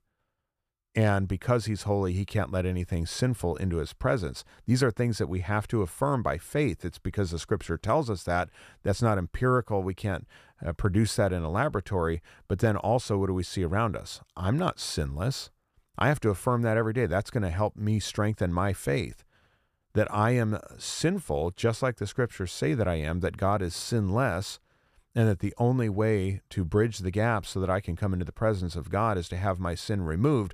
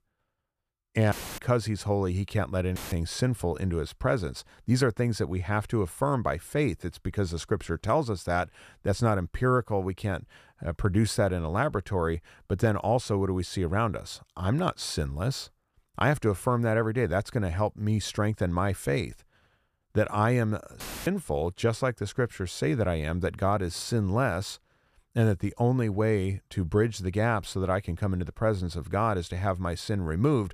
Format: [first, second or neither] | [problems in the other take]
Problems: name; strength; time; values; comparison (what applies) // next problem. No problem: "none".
first | audio cutting out; filled with static; at 1 s, at 3 s and at 21 s